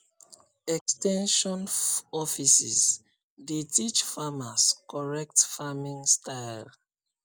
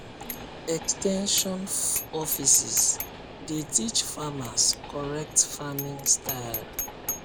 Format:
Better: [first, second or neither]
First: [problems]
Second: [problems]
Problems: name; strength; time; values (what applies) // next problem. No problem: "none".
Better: first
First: none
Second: background sound (Bicycle bell + Train); 9 dB below the speech